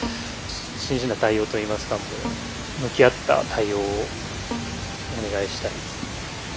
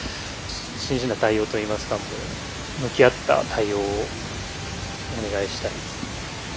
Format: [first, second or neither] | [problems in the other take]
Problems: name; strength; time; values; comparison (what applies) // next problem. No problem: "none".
second | background sound (Bowed string instrument); 14 dB below the speech